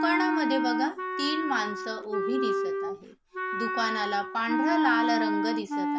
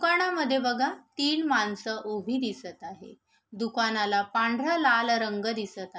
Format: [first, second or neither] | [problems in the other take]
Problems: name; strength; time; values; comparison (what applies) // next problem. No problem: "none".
second | background sound (Wind instrument, woodwind instrument); 2 dB above the speech